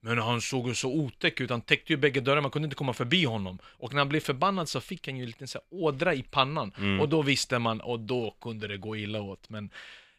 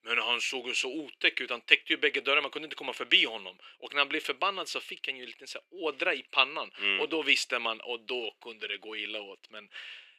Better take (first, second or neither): first